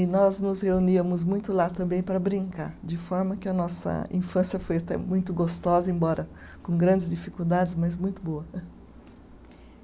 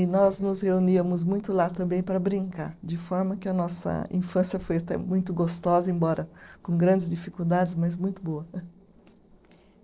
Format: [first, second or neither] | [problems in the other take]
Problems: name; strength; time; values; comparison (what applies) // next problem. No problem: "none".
first | noise reduction (neural separator model SepFormer DNS4)